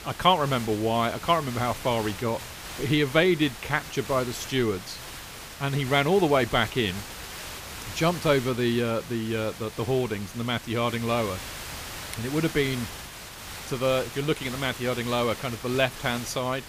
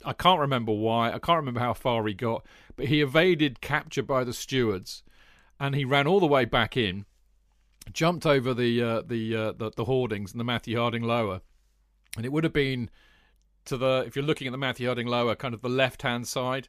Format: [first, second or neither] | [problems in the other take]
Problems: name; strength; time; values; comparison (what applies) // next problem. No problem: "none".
second | hiss; noticeable; throughout; 10 dB below the speech